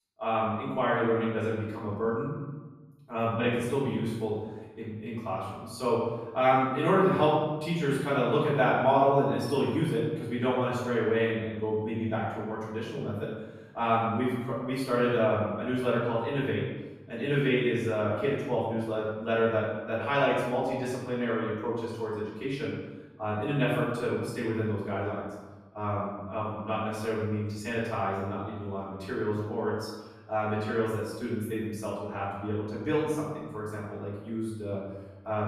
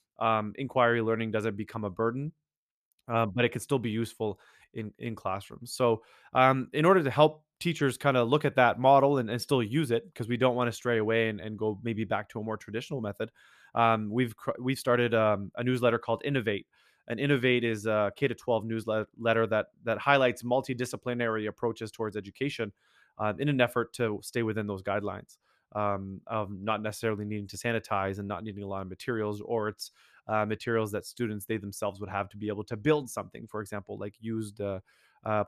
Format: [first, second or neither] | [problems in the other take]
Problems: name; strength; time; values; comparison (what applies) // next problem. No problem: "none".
second | room echo; noticeable; dies away in 1.1 s // off-mic speech; far